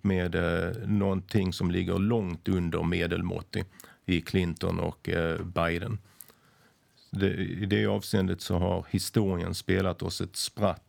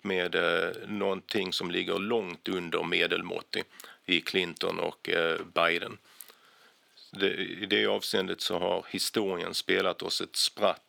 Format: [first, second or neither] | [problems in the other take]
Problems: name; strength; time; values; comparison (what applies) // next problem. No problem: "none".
first | thin; somewhat; fading below 400 Hz